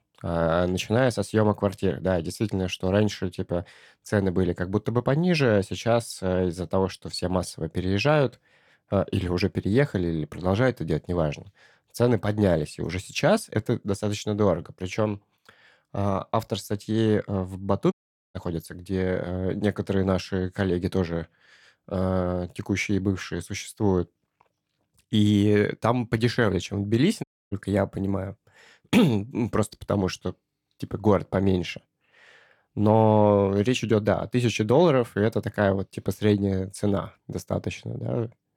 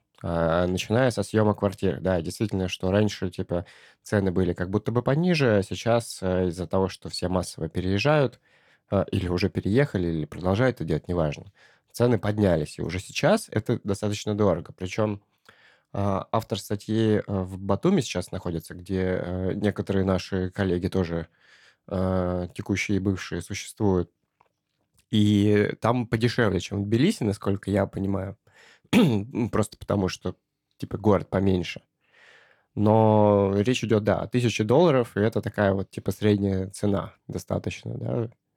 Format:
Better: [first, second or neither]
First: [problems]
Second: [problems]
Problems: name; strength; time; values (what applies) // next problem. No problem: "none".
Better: second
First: audio cutting out; at 18 s and at 27 s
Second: none